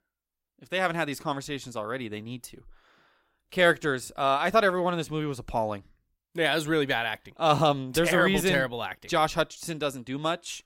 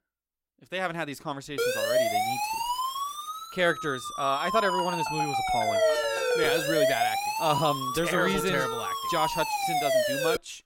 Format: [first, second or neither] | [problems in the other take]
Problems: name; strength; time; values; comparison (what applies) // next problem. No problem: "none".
first | siren; loud; from 1.5 s on; peak 6 dB above the speech